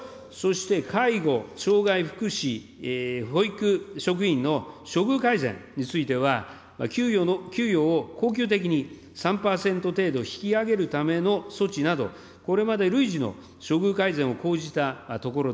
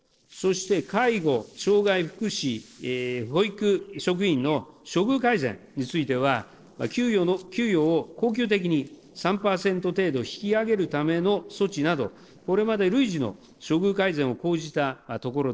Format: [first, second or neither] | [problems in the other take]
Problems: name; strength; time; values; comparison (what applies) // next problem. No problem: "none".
first | noise reduction (neural separator model SepFormer DNS4)